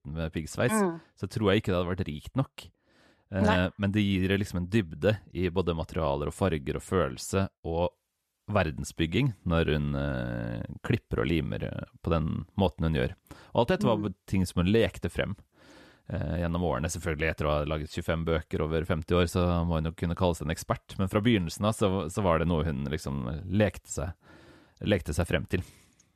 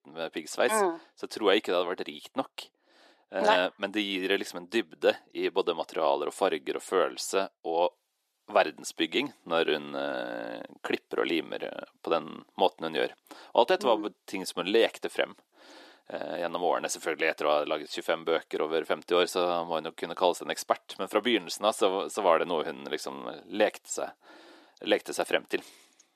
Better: first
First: none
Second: thin; very; fading below 300 Hz

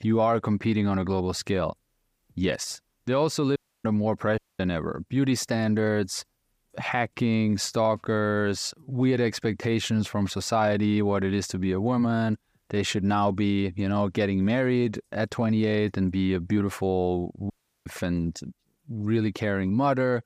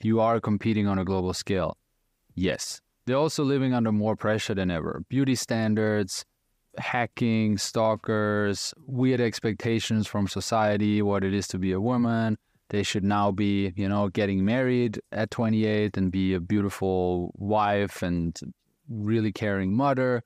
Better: second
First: audio cutting out; at 3.5 s, at 4.5 s and at 18 s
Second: none

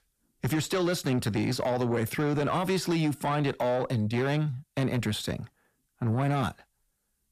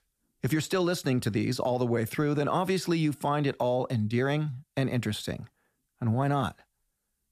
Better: second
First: distortion; slight; 10 dB below the speech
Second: none

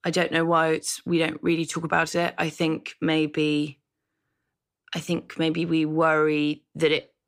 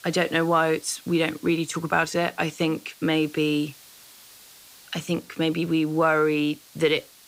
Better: first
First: none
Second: hiss; faint; throughout; 25 dB below the speech

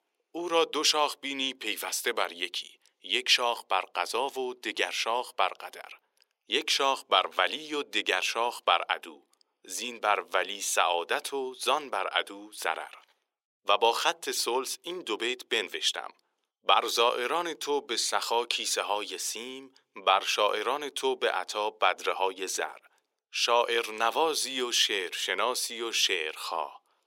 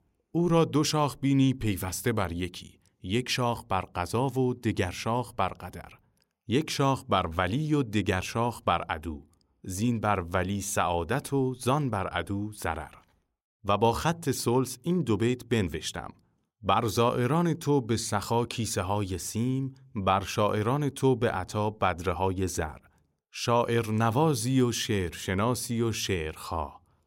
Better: second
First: thin; very; fading below 400 Hz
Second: none

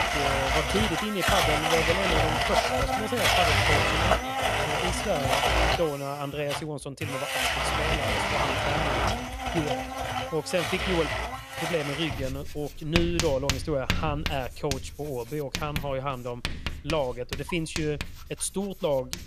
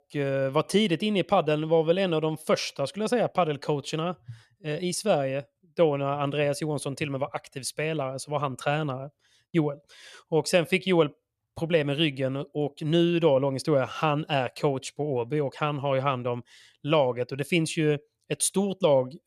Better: second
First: household noises; very loud; throughout; 4 dB above the speech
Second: none

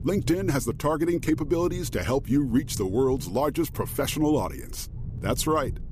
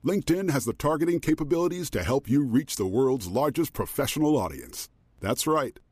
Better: second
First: low rumble; faint; throughout; 20 dB below the speech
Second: none

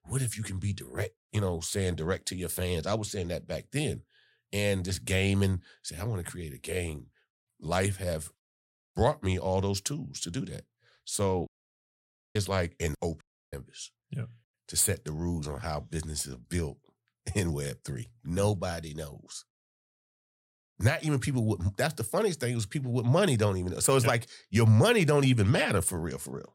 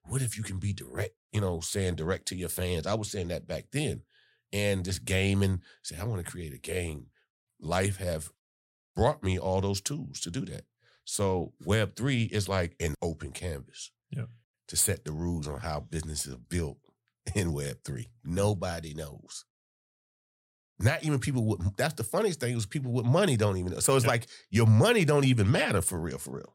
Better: second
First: audio cutting out; at 11 s for 1 s and at 13 s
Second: none

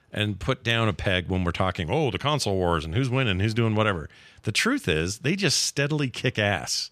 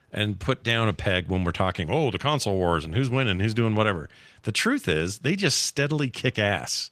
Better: first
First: none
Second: garbled, watery; slightly; nothing above 14.5 kHz

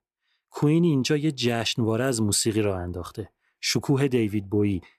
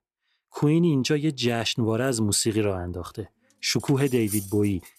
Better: first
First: none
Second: clattering dishes; noticeable; from 4 s on; peak 8 dB below the speech

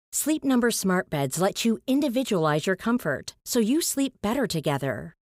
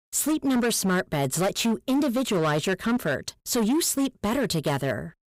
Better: first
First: none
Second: distortion; slight; 16% of the sound clipped

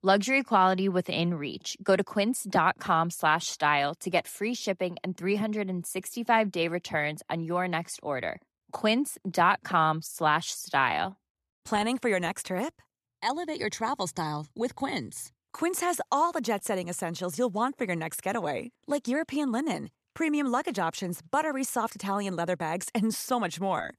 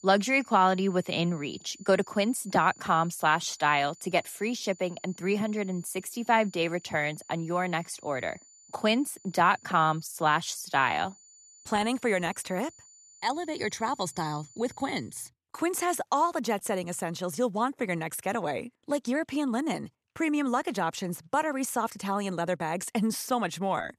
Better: first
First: none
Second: high-pitched whine; faint; until 15 s; 7 kHz, 25 dB below the speech

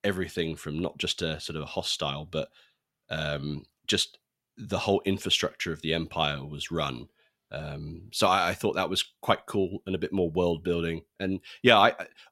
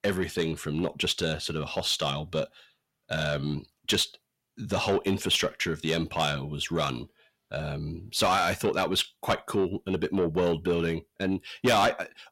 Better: first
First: none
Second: distortion; heavy; 8 dB below the speech

